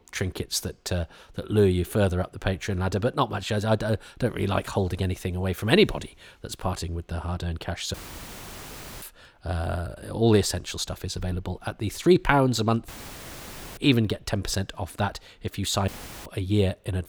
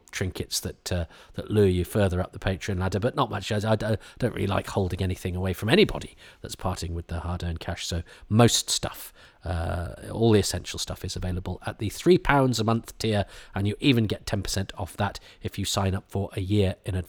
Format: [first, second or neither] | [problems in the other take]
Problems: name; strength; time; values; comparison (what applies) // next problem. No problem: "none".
second | audio cutting out; filled with static; at 8 s for 1 s, at 13 s for 1 s and at 16 s